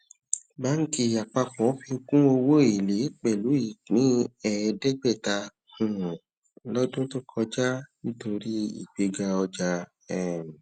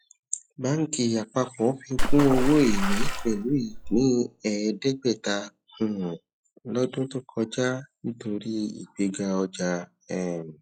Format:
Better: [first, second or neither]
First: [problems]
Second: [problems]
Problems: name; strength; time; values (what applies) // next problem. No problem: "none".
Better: first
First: none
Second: noise reduction (classical method log-MMSE)